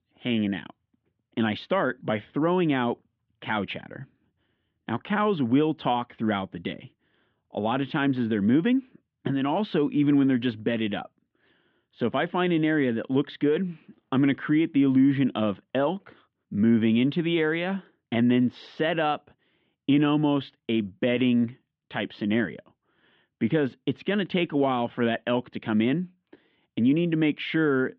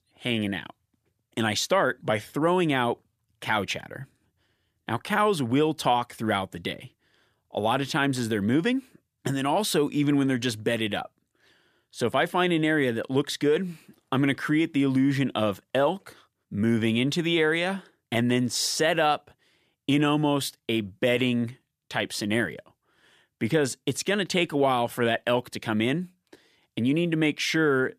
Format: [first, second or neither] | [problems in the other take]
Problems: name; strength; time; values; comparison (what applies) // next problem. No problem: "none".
second | muffled; very; fading above 3 kHz